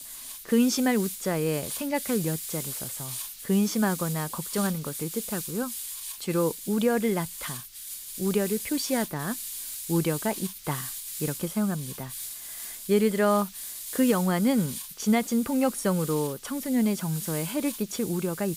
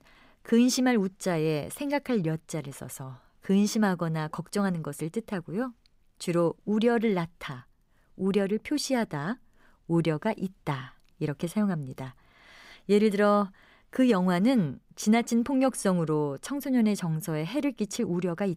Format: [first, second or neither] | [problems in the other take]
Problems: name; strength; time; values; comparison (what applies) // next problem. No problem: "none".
second | hiss; loud; throughout; 7 dB below the speech